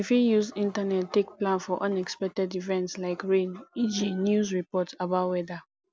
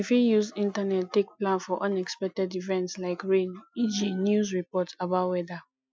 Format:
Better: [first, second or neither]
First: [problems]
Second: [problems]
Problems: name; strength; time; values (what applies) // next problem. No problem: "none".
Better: first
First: none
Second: noise reduction (classical method Wiener filter)